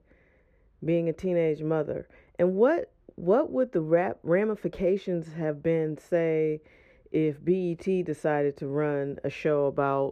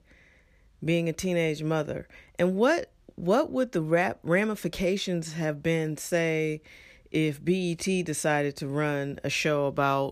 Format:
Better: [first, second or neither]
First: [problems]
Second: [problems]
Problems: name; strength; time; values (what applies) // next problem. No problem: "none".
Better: second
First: muffled; very; fading above 3 kHz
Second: none